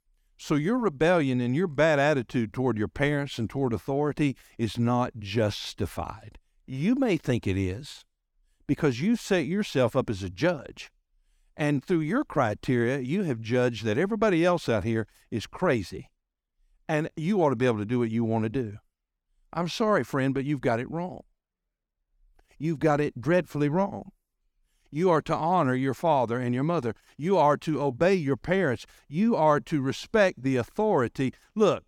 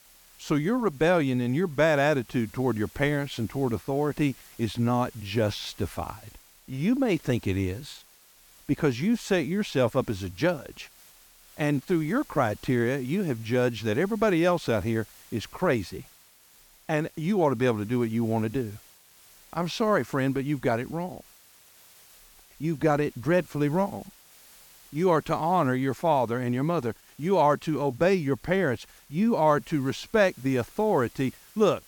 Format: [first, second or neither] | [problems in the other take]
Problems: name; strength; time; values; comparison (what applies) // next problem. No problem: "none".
first | hiss; faint; throughout; 25 dB below the speech